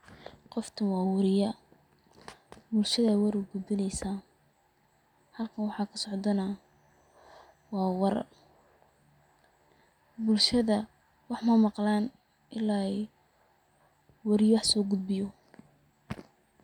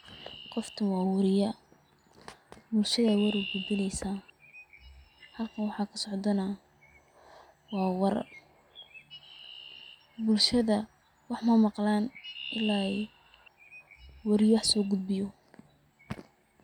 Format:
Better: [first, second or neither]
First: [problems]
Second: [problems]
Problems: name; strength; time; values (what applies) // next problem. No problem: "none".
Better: first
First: none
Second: background sound (Chirp, tweet); 17 dB below the speech